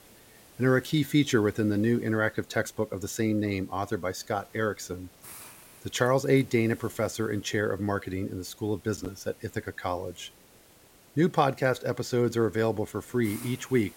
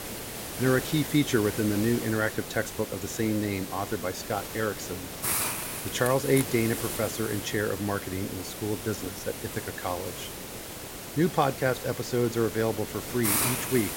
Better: first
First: hiss; faint; throughout; 25 dB below the speech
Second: hiss; loud; throughout; 5 dB below the speech

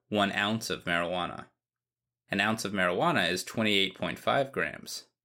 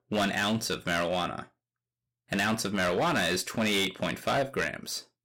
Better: first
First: none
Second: distortion; heavy; 12% of the sound clipped

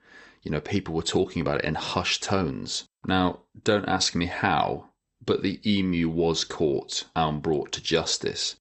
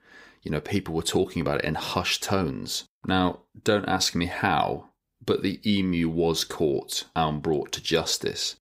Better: second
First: garbled, watery; slightly; nothing above 8 kHz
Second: none

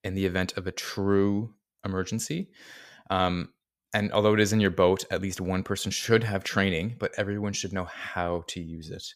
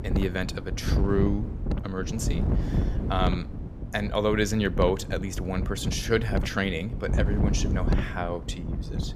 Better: first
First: none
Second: wind noise on the microphone; heavy; 9 dB below the speech

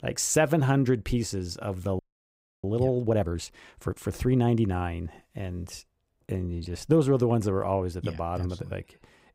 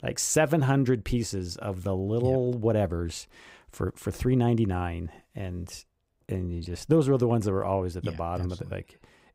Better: second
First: audio freezing; at 2 s for 0.5 s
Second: none

